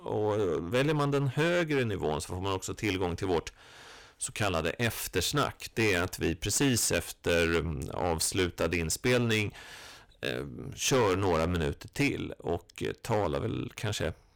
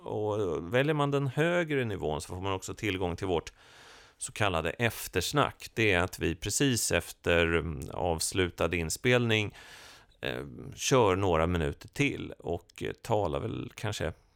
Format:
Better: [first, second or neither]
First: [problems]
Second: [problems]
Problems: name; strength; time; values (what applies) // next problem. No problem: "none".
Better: second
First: distortion; heavy; 8% of the sound clipped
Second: none